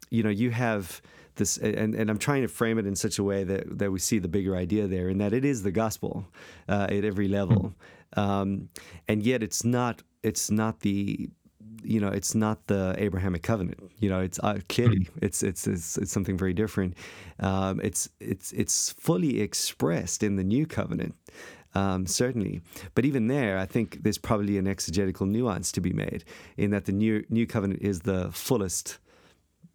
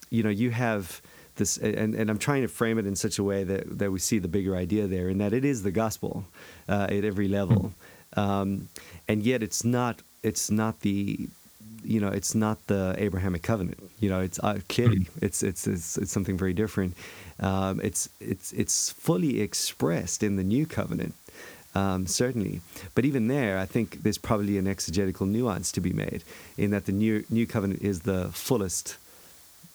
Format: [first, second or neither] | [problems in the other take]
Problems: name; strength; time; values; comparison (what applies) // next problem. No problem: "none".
first | hiss; faint; throughout; 25 dB below the speech